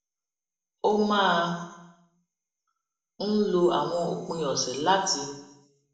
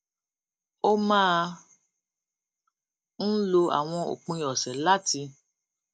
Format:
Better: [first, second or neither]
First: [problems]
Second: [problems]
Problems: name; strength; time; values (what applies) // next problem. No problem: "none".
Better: second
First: room echo; dies away in 0.7 s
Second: none